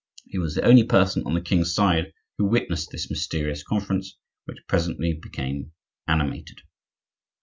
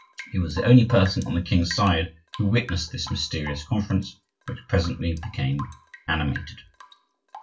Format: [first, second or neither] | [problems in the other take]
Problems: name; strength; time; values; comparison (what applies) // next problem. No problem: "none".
first | background sound (Drip / Rain); 19 dB below the speech // room echo; dies away in 0.2 s